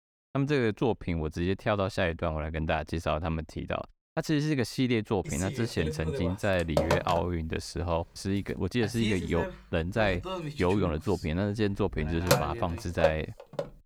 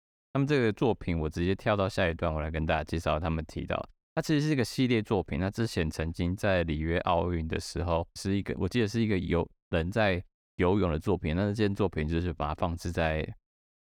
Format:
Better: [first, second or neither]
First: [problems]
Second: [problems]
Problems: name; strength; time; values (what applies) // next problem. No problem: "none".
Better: second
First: phone ringing; loud; from 5.5 s on; peak 3 dB above the speech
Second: none